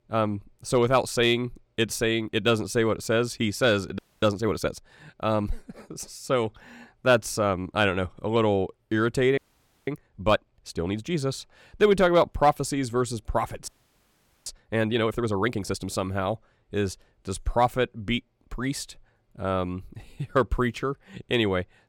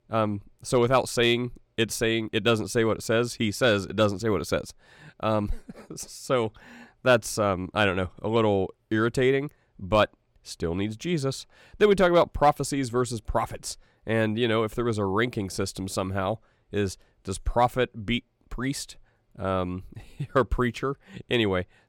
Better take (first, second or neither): second